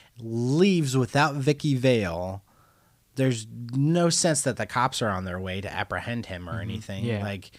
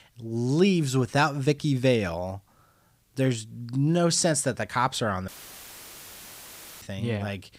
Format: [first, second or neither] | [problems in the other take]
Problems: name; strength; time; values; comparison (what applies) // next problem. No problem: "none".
first | audio cutting out; filled with static; at 5.5 s for 1.5 s